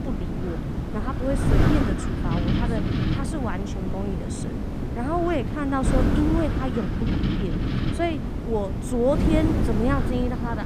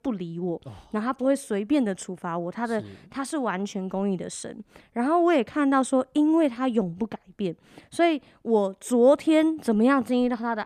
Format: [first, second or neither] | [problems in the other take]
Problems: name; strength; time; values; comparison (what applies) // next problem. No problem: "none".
second | wind noise on the microphone; heavy; 3 dB below the speech